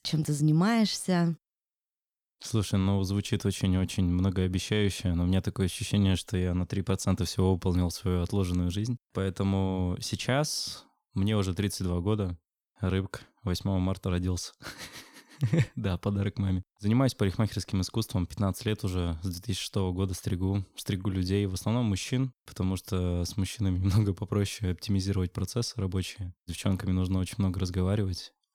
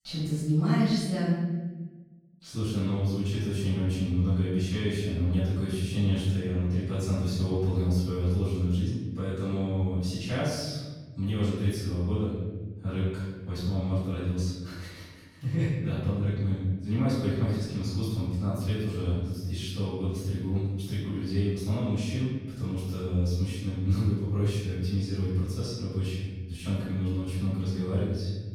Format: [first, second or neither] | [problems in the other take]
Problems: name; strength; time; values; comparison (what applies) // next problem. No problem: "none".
first | room echo; strong; dies away in 1.4 s // off-mic speech; far